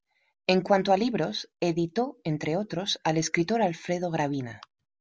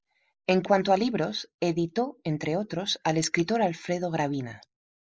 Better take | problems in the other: first | noise reduction (neural mask model Resemble Enhance denoiser)

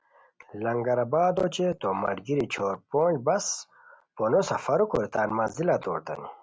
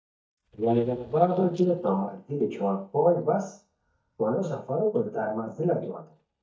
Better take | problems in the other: first | noise reduction (neural mask model DeepFilterNet 3)

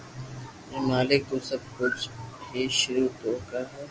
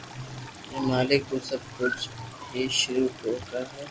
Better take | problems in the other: first | background sound (Stream); 19 dB below the speech

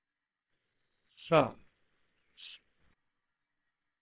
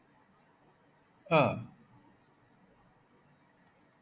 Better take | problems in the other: second | noise reduction (neural separator model SepFormer WHAMR!)

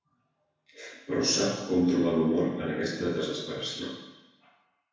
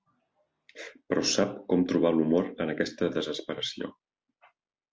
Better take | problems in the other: second | room echo; dies away in 1 s

